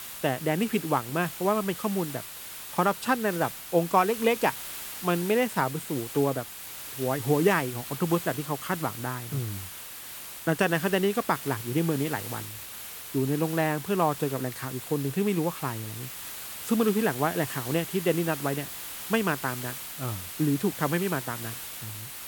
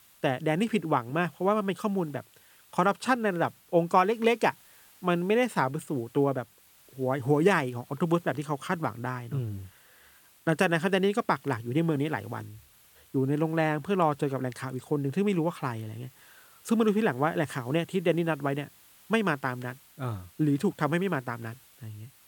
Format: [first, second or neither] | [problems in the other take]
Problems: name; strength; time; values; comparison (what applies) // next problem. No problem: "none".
second | hiss; loud; throughout; 9 dB below the speech; faint in the second